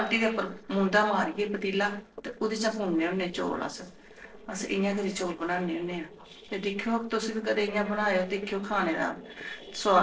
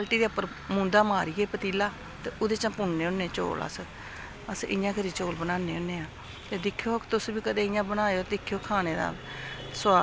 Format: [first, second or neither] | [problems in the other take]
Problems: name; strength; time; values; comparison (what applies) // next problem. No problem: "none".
second | noise reduction (neural separator model SepFormer DNS4)